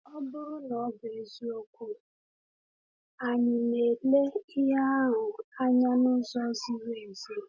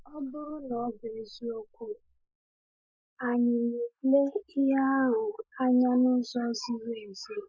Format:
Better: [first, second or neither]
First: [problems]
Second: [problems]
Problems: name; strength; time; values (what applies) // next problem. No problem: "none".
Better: first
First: none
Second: noise reduction (neural mask model Resemble Enhance denoiser)